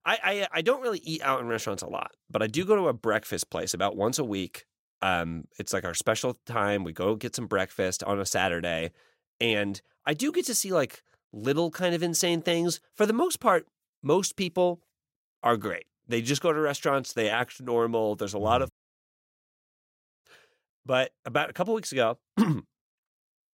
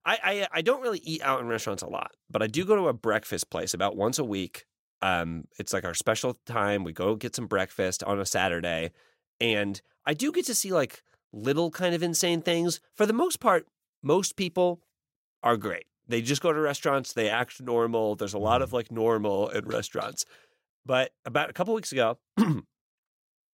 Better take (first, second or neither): second